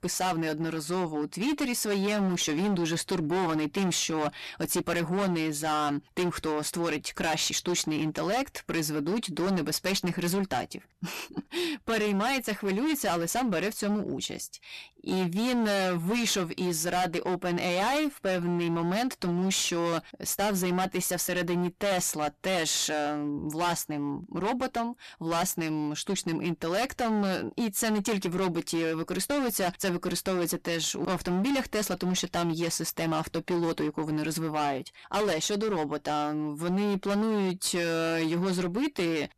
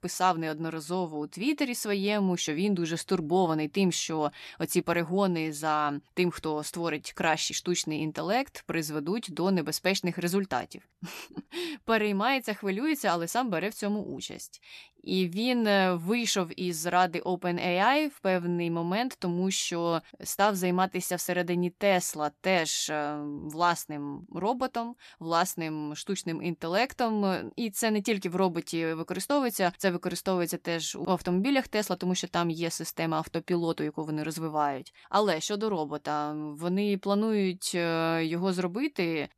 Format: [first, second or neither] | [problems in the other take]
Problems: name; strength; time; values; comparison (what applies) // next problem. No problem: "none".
second | distortion; heavy; 21% of the sound clipped